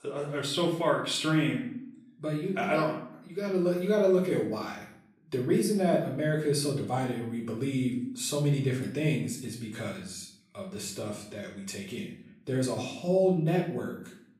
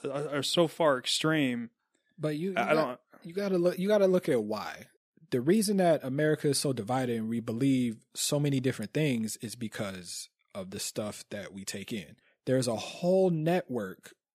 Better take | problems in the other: second | off-mic speech; far // room echo; noticeable; dies away in 0.5 s

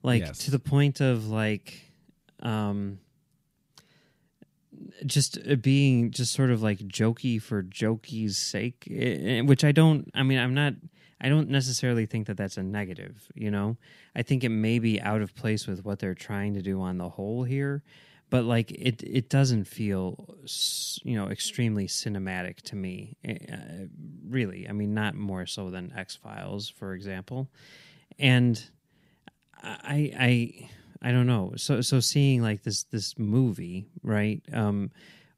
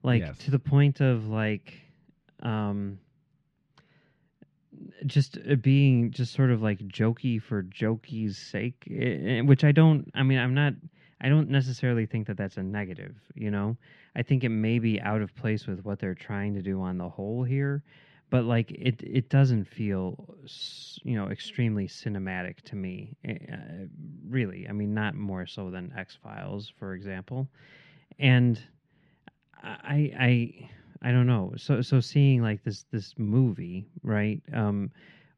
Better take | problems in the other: first | muffled; slightly; fading above 2.5 kHz

